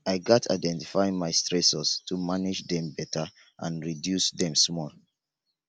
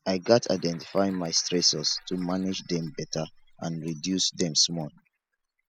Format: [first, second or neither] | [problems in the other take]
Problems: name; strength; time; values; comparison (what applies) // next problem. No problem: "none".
first | noise reduction (classical method spectral subtraction)